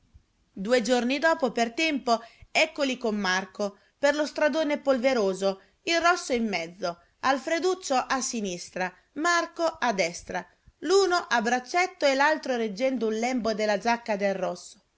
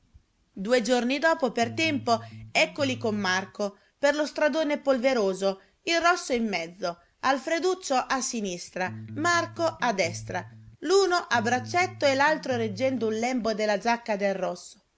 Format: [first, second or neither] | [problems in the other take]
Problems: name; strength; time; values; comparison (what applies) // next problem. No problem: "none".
first | background sound (Electric guitar); 15 dB below the speech